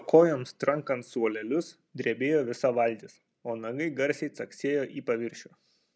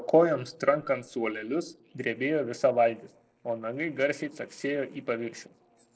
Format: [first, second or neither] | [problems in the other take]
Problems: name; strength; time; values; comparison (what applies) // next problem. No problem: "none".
first | noise reduction (neural separator model SepFormer DNS4)